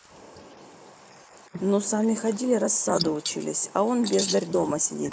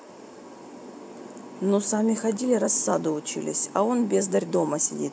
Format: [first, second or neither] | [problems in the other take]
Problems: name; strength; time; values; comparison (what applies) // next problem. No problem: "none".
second | noise reduction (neural mask model Resemble Enhance denoiser)